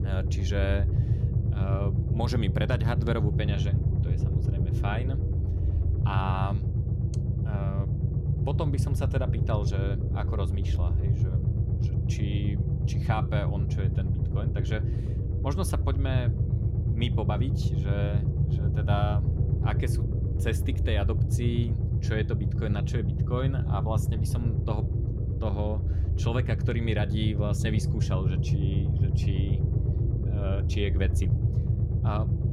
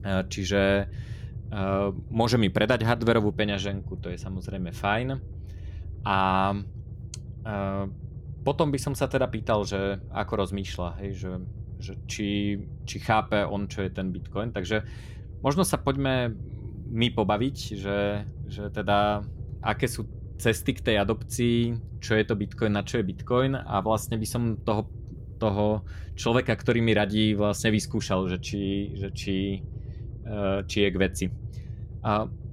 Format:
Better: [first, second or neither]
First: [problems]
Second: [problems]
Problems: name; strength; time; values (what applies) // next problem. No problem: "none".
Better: second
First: low rumble; loud; throughout; 4 dB below the speech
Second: low rumble; faint; throughout; 25 dB below the speech